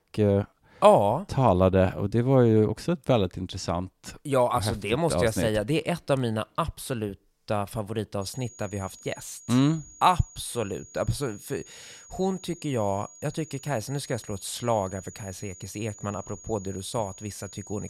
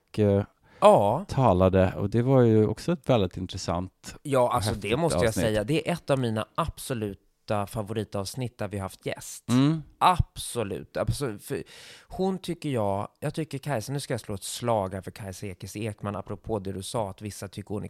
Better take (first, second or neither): second